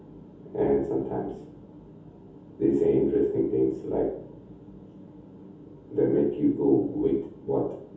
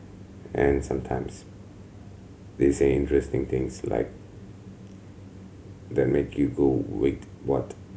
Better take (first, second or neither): second